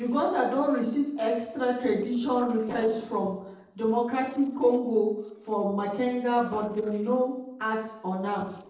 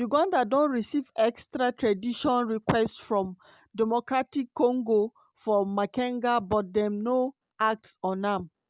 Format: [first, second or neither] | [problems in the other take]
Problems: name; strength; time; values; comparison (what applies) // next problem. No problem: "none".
second | noise reduction (neural separator model SepFormer DNS4)